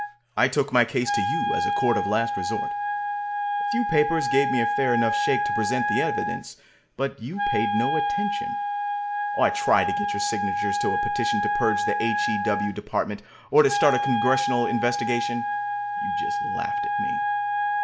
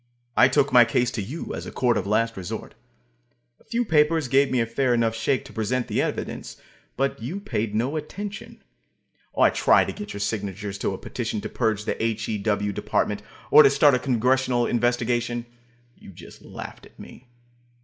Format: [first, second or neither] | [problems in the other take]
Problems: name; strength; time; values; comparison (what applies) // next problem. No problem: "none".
second | background sound (Wind instrument, woodwind instrument); 1 dB above the speech